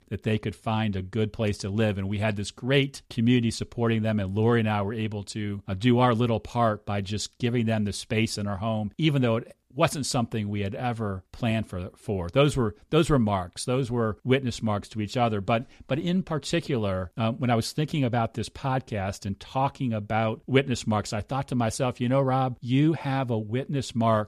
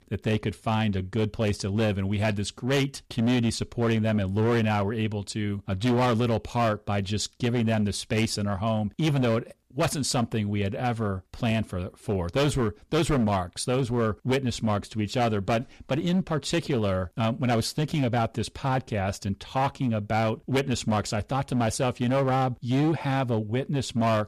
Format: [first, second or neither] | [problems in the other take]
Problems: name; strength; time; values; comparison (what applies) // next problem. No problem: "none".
first | distortion; slight; 11% of the sound clipped